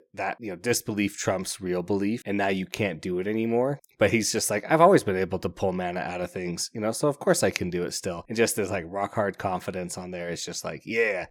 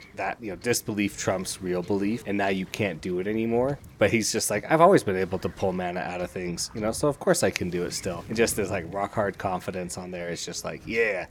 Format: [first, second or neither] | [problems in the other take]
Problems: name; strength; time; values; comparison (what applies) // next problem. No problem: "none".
first | wind noise on the microphone; occasional gusts; 25 dB below the speech